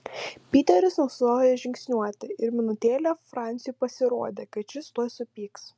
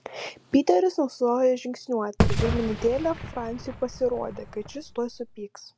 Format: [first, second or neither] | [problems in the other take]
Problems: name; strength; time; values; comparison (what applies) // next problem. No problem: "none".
first | background sound (Fireworks); 3 dB below the speech